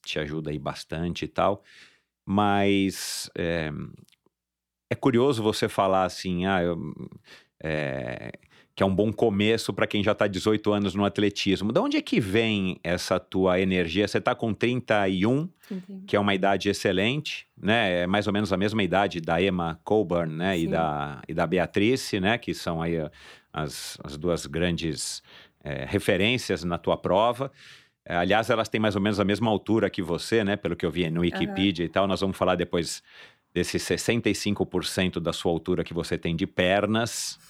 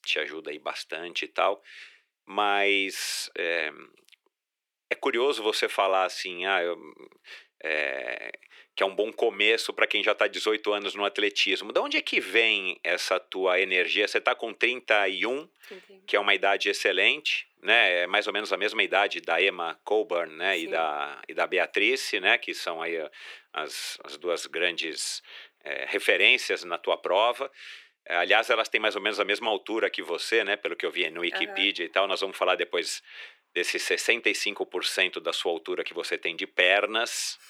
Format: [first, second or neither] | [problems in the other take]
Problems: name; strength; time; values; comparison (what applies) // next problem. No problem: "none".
first | thin; very; fading below 400 Hz